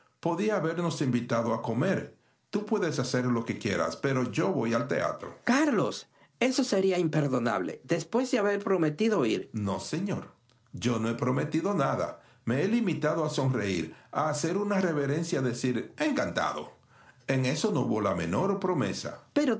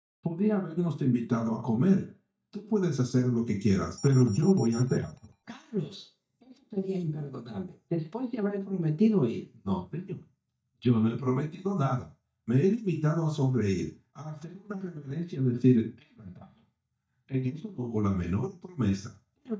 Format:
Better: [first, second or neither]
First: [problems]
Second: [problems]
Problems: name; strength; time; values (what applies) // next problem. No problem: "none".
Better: first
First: none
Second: noise reduction (neural mask model DeepFilterNet 3)